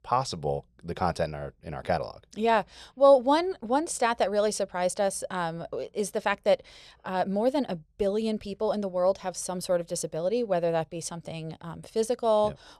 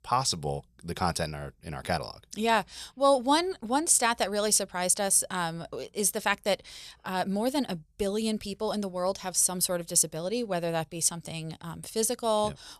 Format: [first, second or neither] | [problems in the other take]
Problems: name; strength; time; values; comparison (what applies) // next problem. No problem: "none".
second | muffled; slightly; fading above 2.5 kHz